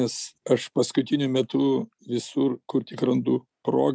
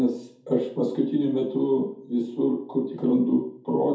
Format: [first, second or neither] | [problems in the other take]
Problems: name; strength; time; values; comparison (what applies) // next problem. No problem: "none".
first | room echo; dies away in 0.6 s